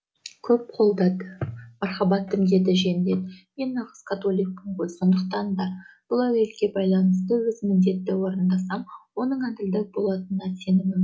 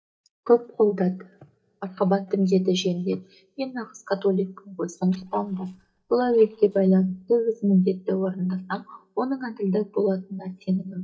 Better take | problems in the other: first | noise reduction (neural mask model DeepFilterNet 3)

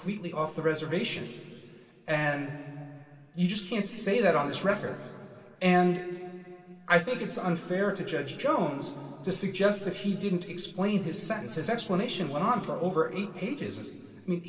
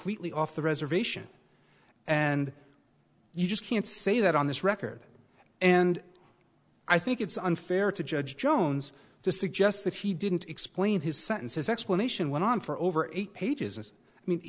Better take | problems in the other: second | room echo; dies away in 2.5 s

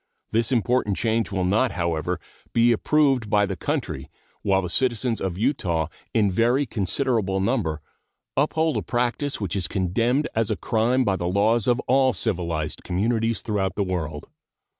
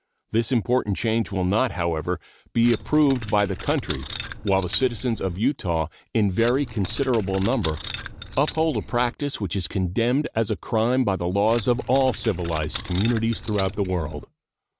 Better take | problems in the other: first | background sound (Keys jangling); 12 dB below the speech

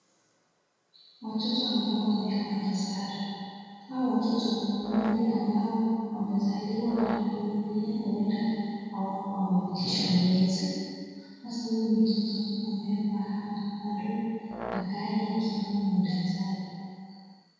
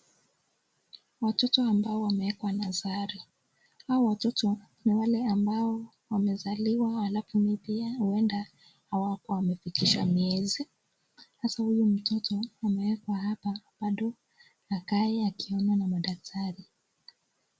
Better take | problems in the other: second | background sound (Brass instrument); 11 dB below the speech // room echo; dies away in 2.2 s

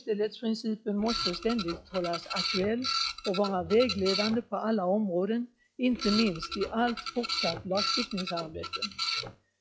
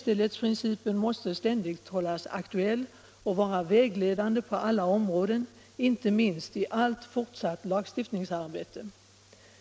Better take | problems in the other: second | noise reduction (classical method log-MMSE)

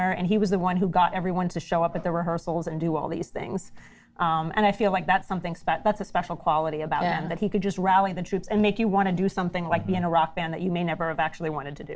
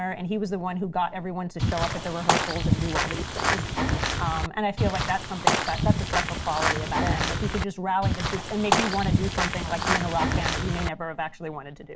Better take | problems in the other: first | background sound (Walk, footsteps / Bird vocalization, bird call, bird song); 4 dB above the speech

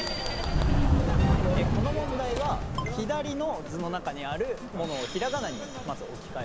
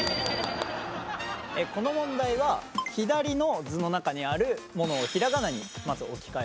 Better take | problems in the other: second | background sound (Subway, metro, underground); 4 dB above the speech

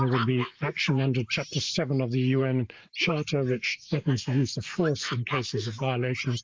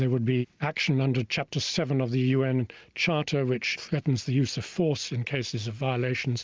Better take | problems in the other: second | noise reduction (neural mask model Resemble Enhance denoiser)

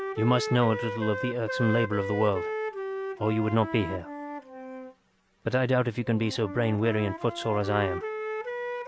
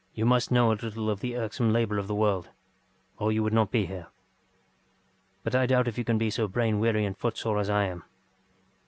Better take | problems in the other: second | background sound (Wind instrument, woodwind instrument); 7 dB below the speech

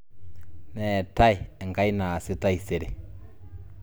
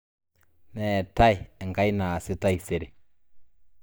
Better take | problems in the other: first | noise reduction (neural mask model DeepFilterNet 3)

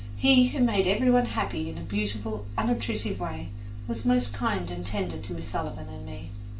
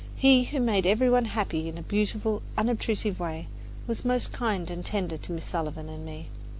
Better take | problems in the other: second | room echo; dies away in 0.3 s

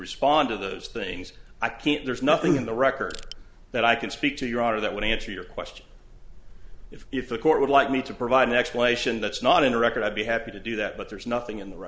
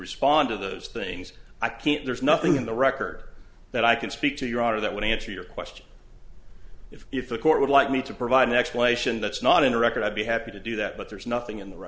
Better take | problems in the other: second | background sound (Crushing); 19 dB below the speech

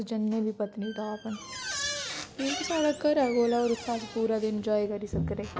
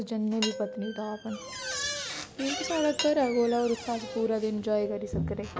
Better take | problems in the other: first | background sound (Cutlery, silverware / Dishes, pots, and pans + Bird vocalization, bird call, bird song); 13 dB below the speech

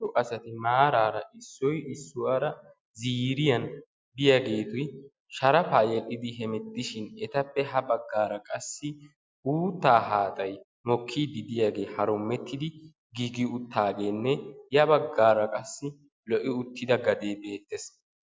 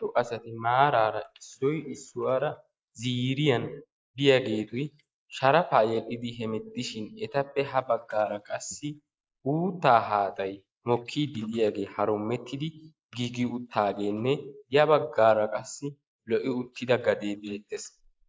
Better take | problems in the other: first | noise reduction (neural mask model Resemble Enhance denoiser)

